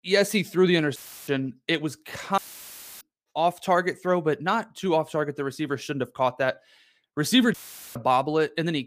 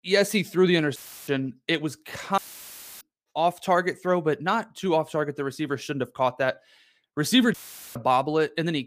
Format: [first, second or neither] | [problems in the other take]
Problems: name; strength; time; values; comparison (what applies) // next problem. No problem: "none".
neither | audio cutting out; filled with static; at 1 s, at 2.5 s for 0.5 s and at 7.5 s; the same in both